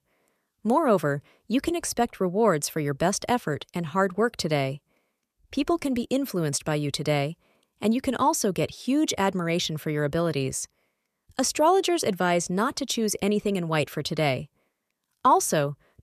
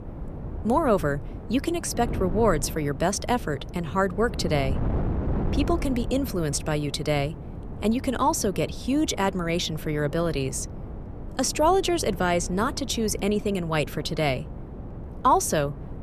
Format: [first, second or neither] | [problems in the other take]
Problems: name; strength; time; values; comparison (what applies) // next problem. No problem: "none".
first | wind noise on the microphone; occasional gusts; 15 dB below the speech